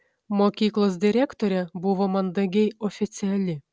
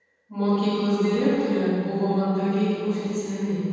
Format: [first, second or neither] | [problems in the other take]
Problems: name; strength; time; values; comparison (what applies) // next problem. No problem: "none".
first | room echo; dies away in 2.1 s